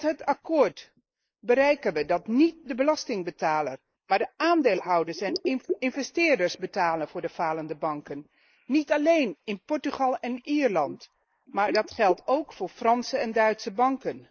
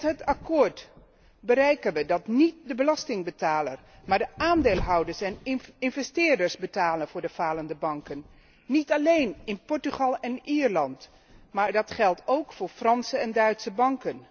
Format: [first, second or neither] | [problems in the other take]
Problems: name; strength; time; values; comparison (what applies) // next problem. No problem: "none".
second | noise reduction (neural mask model Resemble Enhance denoiser)